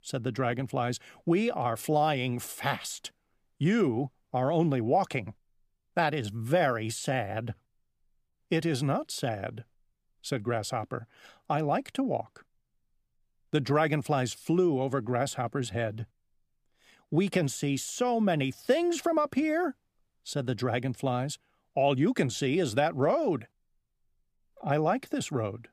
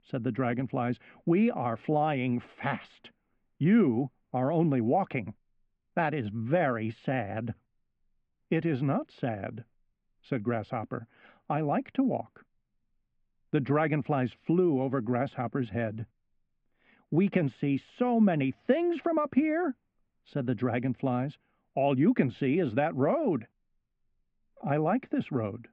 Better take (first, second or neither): first